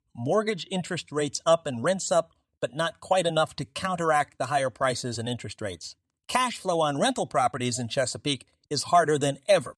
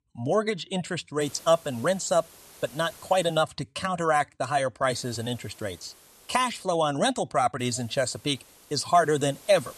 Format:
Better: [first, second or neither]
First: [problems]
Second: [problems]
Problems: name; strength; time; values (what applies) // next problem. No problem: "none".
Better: first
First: none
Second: hiss; faint; from 1 to 3.5 s, from 5 to 6.5 s and from 7.5 s on; 25 dB below the speech